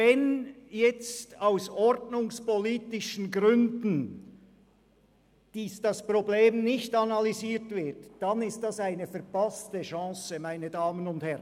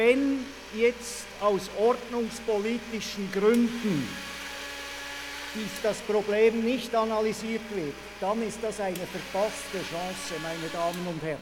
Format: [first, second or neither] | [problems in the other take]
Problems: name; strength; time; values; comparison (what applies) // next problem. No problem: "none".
first | background sound (Domestic sounds, home sounds); 12 dB below the speech